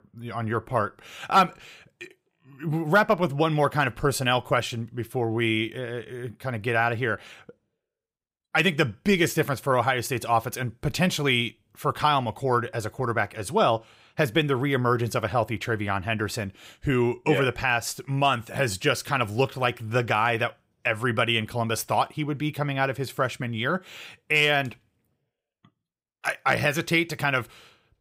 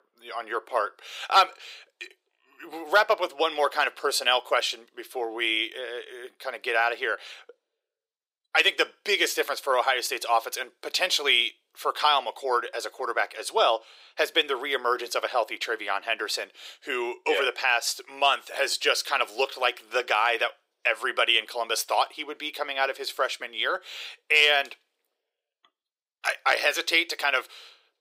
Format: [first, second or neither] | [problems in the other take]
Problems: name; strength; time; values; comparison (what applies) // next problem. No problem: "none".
first | thin; very; fading below 400 Hz